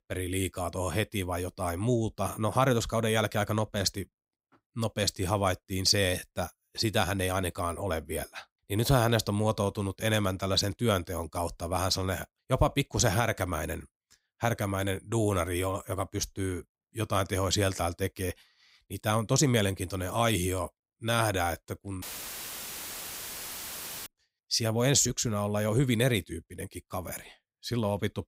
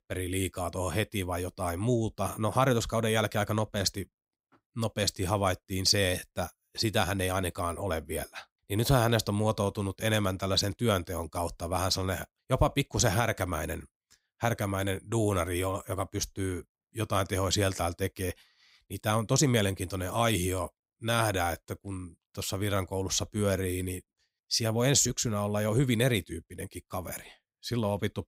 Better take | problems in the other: second | audio cutting out; filled with static; at 22 s for 2 s

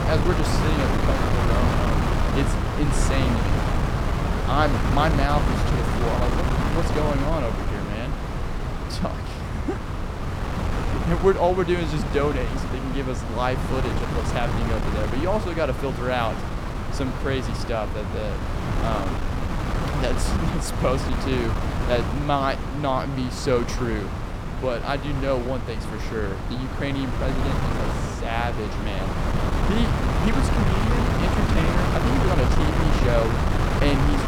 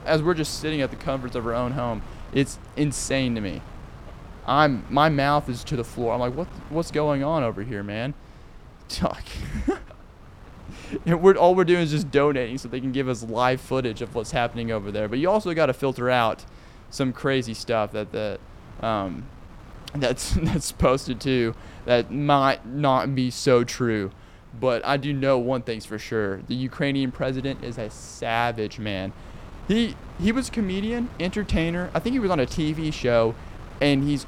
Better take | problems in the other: second | wind noise on the microphone; heavy; 1 dB below the speech; occasional gusts in the second

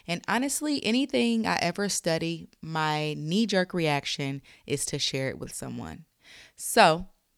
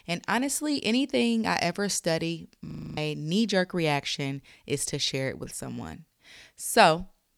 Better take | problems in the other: first | audio freezing; at 2.5 s

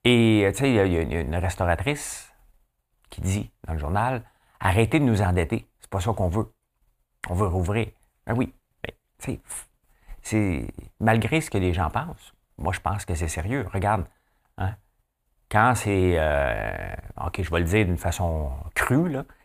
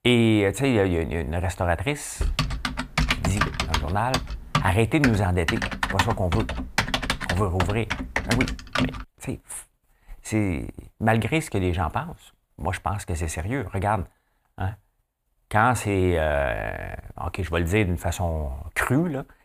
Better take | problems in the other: first | keyboard typing; loud; from 2 to 9 s; peak 1 dB above the speech

